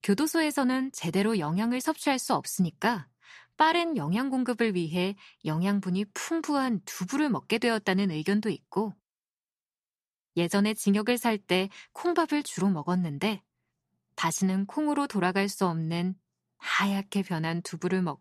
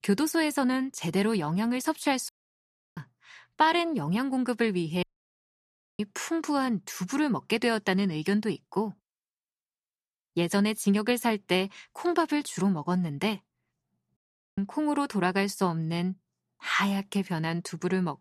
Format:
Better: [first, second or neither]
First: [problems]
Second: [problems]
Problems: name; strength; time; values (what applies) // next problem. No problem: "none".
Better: first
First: none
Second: audio cutting out; at 2.5 s for 0.5 s, at 5 s for 1 s and at 14 s